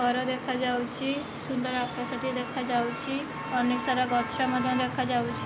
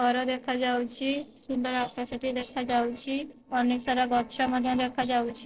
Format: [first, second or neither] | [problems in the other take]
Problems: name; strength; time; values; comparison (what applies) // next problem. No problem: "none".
first | noise reduction (neural separator model SepFormer DNS4)